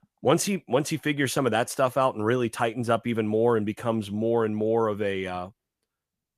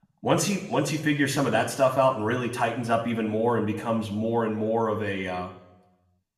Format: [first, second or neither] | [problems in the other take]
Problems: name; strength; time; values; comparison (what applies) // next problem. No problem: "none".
first | room echo; slight; dies away in 0.7 s